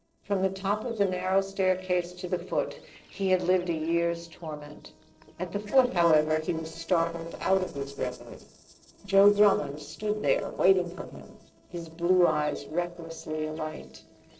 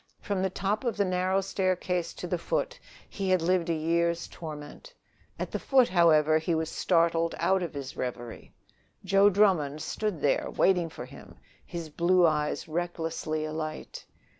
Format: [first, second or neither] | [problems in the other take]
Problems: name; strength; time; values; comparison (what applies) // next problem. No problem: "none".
second | noise reduction (neural separator model SepFormer DNS4)